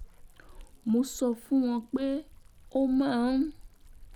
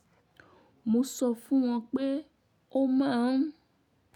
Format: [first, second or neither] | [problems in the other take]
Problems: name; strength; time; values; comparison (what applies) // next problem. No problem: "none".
second | background sound (Liquid); 20 dB below the speech